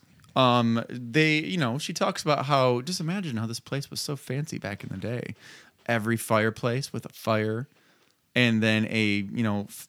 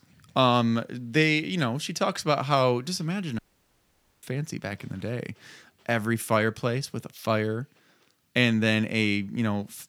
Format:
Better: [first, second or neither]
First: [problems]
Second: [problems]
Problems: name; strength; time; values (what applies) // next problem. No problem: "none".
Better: first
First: none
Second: audio cutting out; at 3.5 s for 1 s